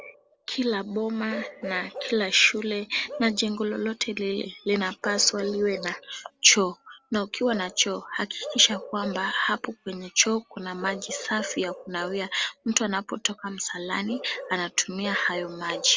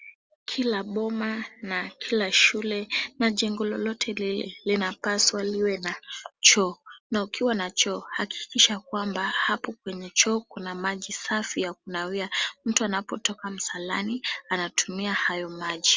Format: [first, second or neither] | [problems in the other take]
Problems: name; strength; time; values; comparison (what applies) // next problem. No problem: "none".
second | background sound (Bark / Livestock, farm animals, working animals); 15 dB below the speech